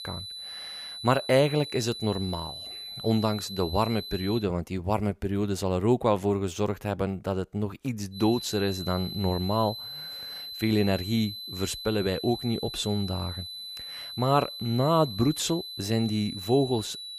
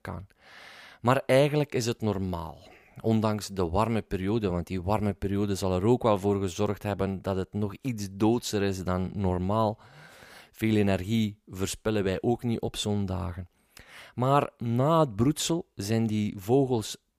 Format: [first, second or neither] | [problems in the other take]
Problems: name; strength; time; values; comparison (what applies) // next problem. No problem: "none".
second | high-pitched whine; loud; until 4.5 s and from 8 s on; 4 kHz, 9 dB below the speech